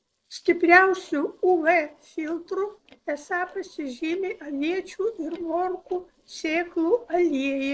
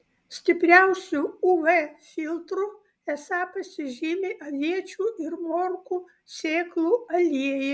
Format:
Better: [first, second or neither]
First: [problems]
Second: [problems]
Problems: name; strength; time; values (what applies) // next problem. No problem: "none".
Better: second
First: noise reduction (neural separator model SepFormer DNS4)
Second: none